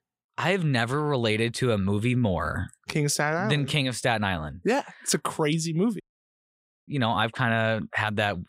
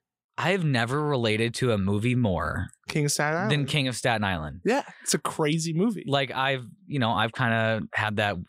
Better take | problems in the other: second | audio cutting out; at 6 s for 1 s

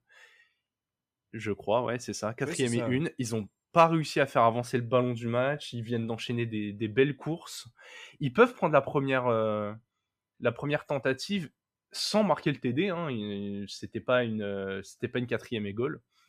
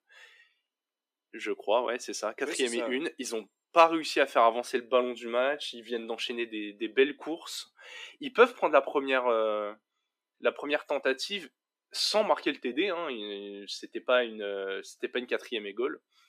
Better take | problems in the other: first | thin; somewhat; fading below 300 Hz

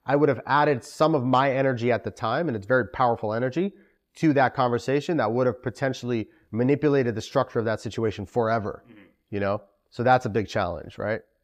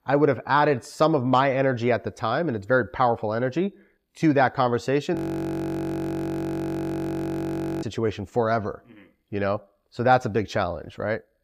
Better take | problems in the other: first | audio freezing; at 5 s for 2.5 s

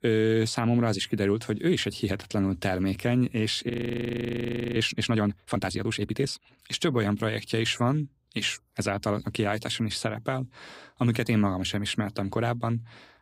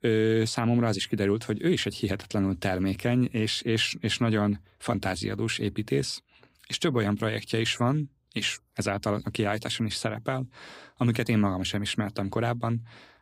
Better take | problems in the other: second | audio freezing; at 3.5 s for 1 s

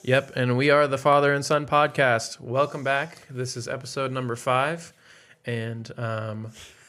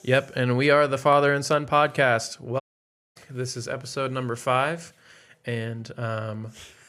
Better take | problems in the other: first | audio cutting out; at 2.5 s for 0.5 s

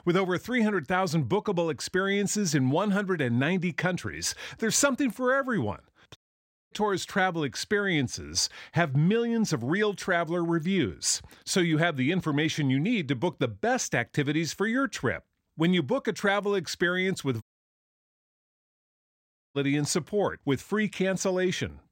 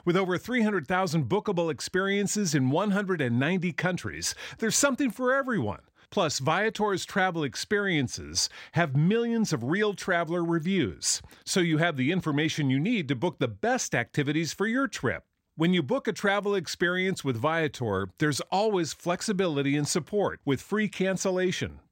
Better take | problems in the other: second | audio cutting out; at 6 s for 0.5 s and at 17 s for 2 s

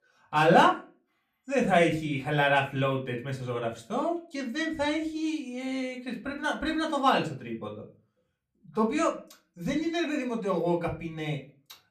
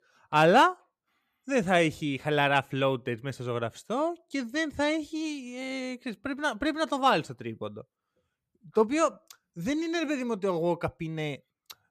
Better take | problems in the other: second | off-mic speech; far // room echo; very slight; dies away in 0.3 s

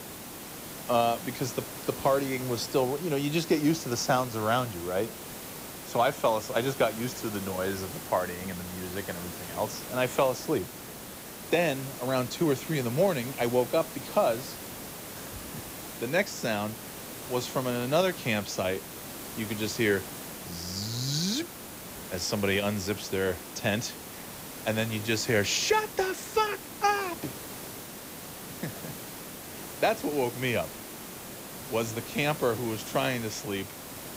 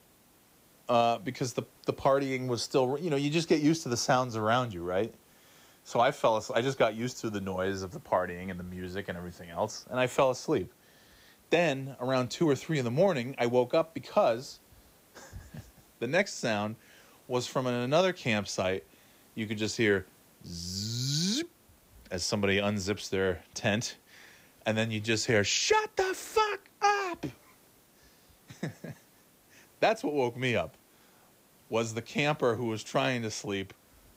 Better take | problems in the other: second | hiss; loud; throughout; 10 dB below the speech; faint in the second

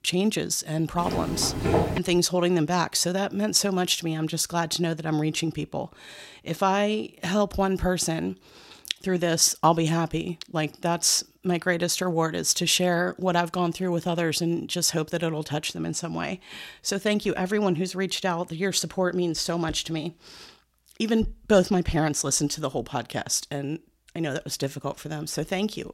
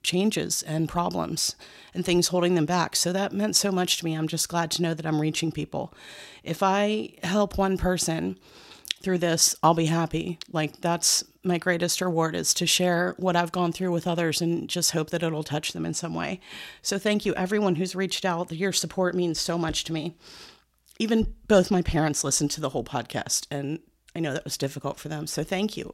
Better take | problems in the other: second | footsteps; loud; at 1 s; peak 1 dB above the speech

